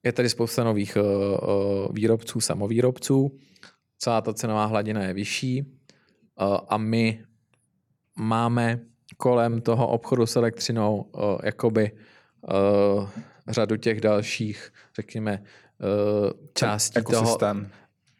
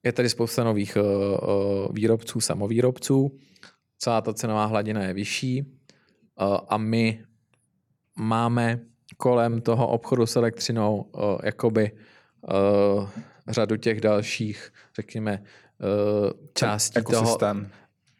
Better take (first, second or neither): neither